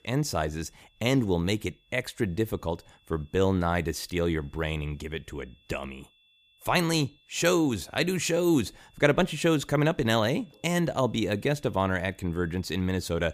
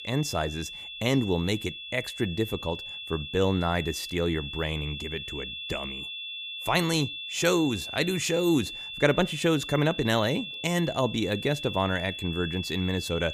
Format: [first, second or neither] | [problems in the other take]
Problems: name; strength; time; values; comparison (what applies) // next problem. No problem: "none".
first | high-pitched whine; loud; throughout; 3.5 kHz, 8 dB below the speech; faint in the first